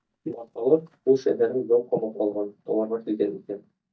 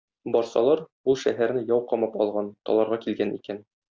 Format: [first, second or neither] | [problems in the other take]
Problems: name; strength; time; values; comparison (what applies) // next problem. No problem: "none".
second | noise reduction (neural mask model DeepFilterNet 3)